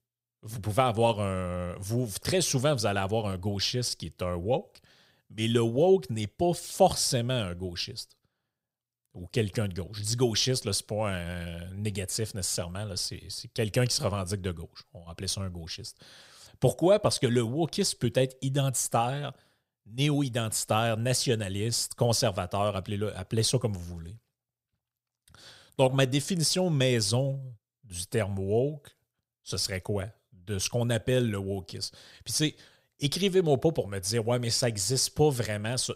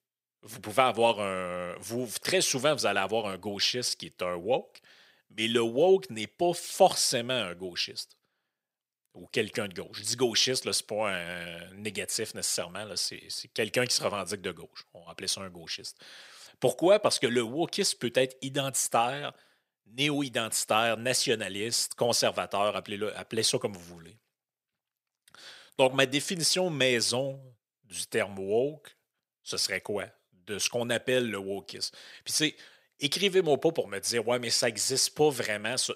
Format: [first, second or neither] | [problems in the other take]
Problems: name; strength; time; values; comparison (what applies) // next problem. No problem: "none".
first | thin; somewhat; fading below 250 Hz